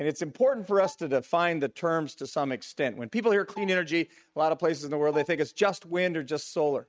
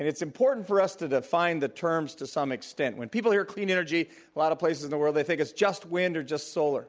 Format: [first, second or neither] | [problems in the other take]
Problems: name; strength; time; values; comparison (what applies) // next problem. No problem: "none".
second | noise reduction (neural mask model RNNoise)